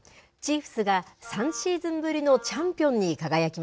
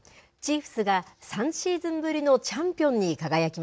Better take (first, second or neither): second